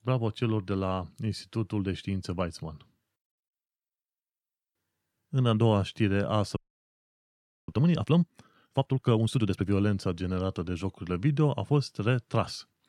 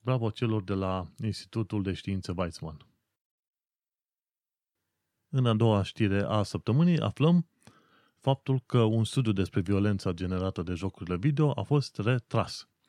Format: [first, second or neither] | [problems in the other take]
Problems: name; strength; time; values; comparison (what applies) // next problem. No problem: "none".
second | audio freezing; at 6.5 s for 1 s